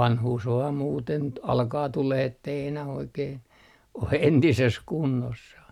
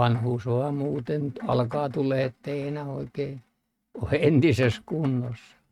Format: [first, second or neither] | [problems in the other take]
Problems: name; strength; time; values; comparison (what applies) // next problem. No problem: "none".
first | noise reduction (neural mask model RNNoise)